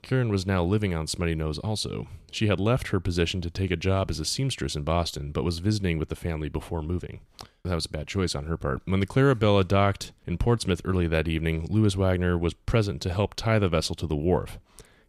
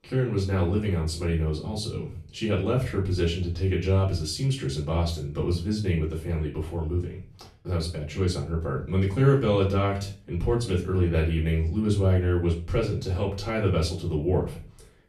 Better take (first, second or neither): first